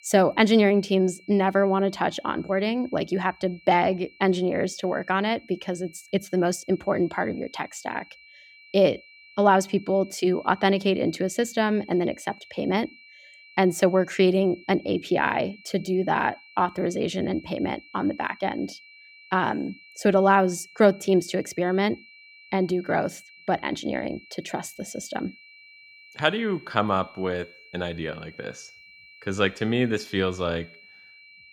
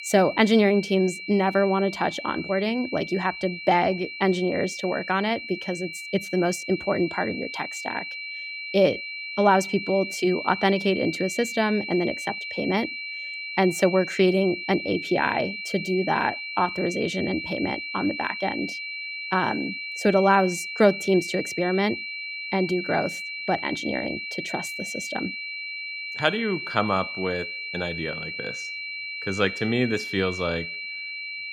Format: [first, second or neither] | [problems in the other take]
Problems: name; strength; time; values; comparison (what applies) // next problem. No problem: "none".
first | high-pitched whine; loud; throughout; 2.5 kHz, 7 dB below the speech; faint in the first